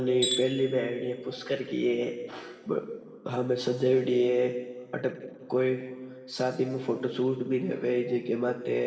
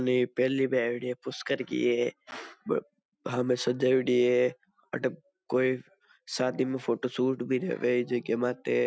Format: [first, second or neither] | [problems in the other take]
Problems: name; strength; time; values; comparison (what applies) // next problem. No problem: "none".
second | background sound (Tools); 10 dB below the speech // room echo; dies away in 1.7 s